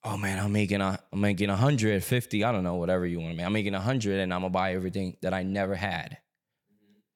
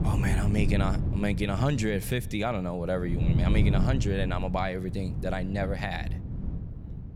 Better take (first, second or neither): first